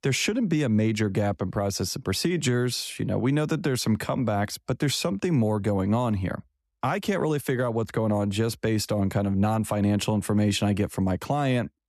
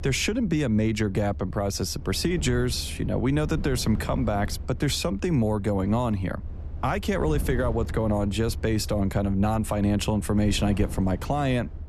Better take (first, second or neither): first